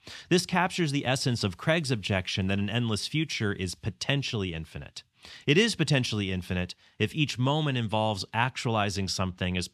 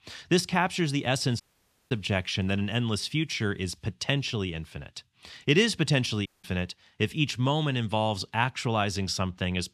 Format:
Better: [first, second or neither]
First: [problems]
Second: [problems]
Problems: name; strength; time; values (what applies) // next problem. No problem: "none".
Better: first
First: none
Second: audio cutting out; at 1.5 s for 0.5 s and at 6.5 s